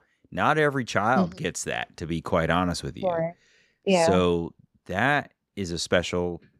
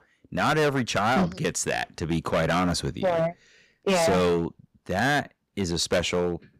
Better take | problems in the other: first | distortion; heavy; 11% of the sound clipped

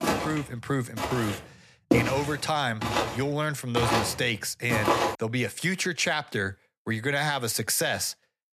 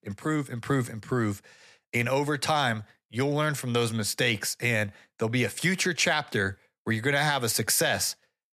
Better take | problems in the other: second | footsteps; loud; until 5 s; peak 4 dB above the speech

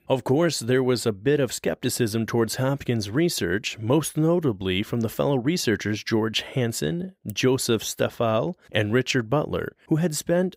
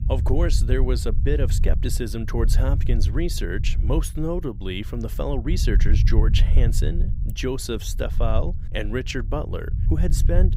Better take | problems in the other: first | low rumble; noticeable; throughout; 10 dB below the speech

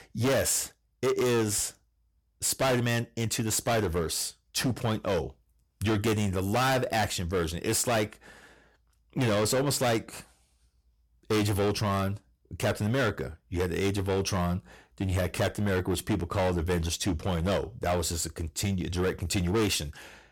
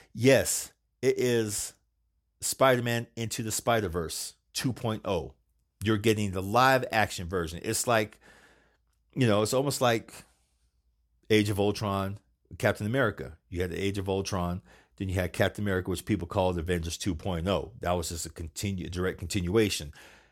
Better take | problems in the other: second | distortion; heavy; 14% of the sound clipped

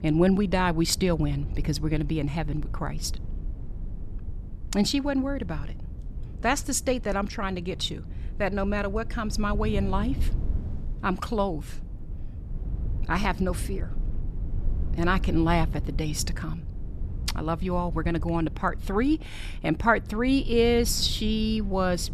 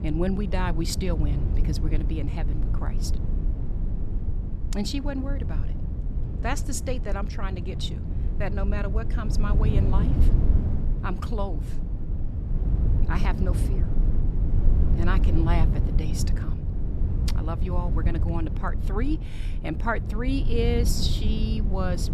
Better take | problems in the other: first | low rumble; loud; throughout; 7 dB below the speech; faint in the first

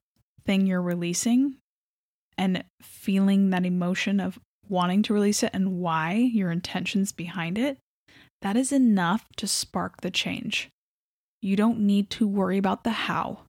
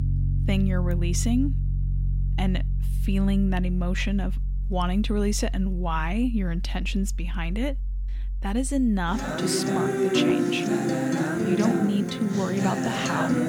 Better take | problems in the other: first | background music; very loud; throughout; as loud as the speech

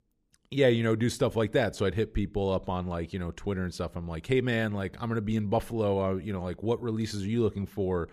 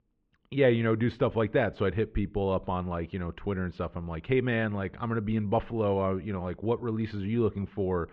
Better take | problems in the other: first | muffled; very; fading above 3 kHz

